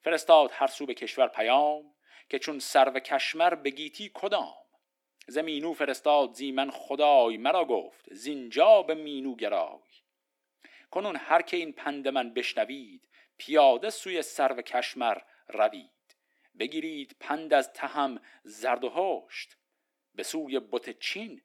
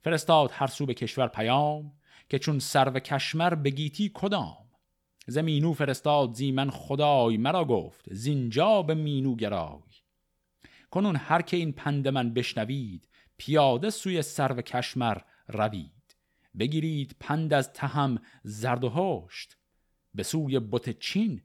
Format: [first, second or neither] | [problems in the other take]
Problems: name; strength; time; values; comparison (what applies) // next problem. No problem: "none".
second | thin; somewhat; fading below 300 Hz